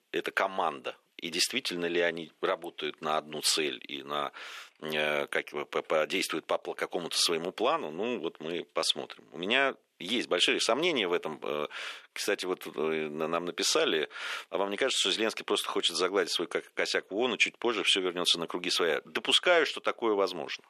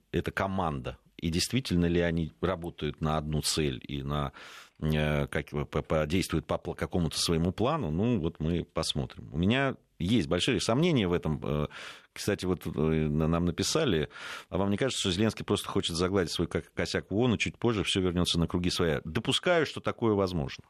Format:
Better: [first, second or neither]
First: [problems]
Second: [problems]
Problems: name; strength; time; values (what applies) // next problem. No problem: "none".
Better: second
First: thin; somewhat; fading below 350 Hz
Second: none